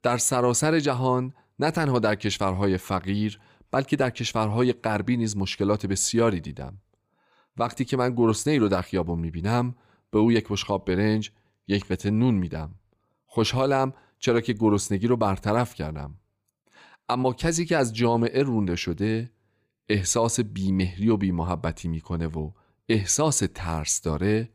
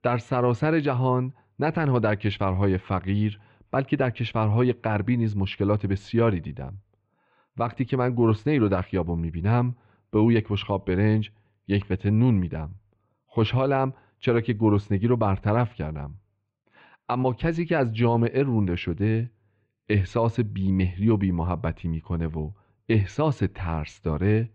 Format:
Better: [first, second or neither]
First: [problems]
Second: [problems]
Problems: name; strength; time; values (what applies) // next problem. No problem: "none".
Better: first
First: none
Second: muffled; very; fading above 3 kHz